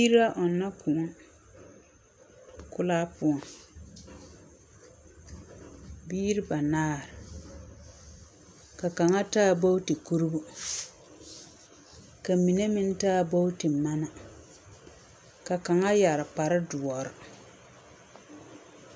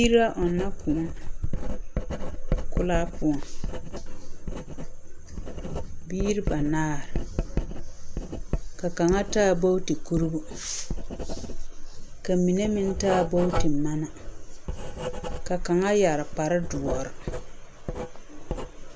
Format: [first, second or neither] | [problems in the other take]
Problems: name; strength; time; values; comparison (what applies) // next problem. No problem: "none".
first | background sound (Writing); as loud as the speech